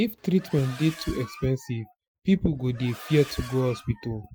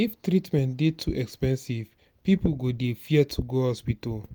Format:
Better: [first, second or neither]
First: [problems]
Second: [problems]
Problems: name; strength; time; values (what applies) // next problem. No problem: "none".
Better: second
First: noise reduction (classical method Wiener filter)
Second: none